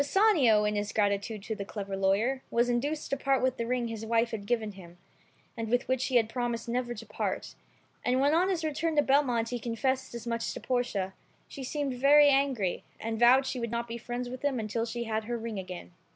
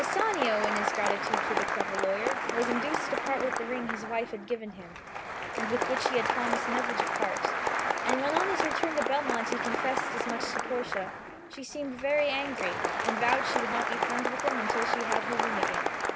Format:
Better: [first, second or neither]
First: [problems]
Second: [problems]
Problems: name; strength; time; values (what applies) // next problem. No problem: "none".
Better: first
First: none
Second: background sound (Applause); 3 dB above the speech